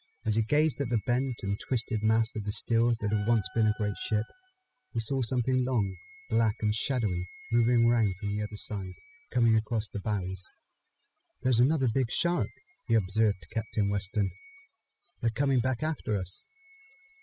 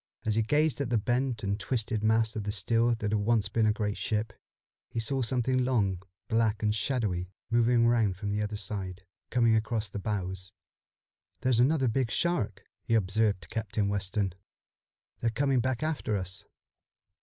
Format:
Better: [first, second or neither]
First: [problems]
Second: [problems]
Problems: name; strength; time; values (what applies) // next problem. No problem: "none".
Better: second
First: noise reduction (classical method spectral subtraction)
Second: none